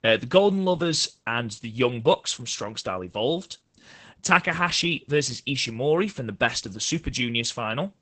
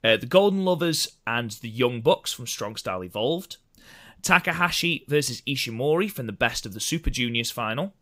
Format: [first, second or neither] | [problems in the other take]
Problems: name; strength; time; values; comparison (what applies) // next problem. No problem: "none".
second | garbled, watery; badly; nothing above 8 kHz